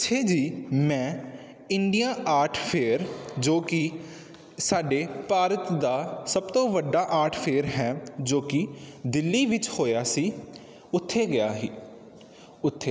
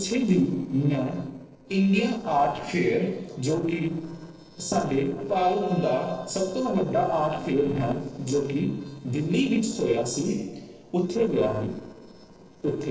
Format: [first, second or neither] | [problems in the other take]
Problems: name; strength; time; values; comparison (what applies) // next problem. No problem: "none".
first | noise reduction (neural separator model SepFormer DNS4)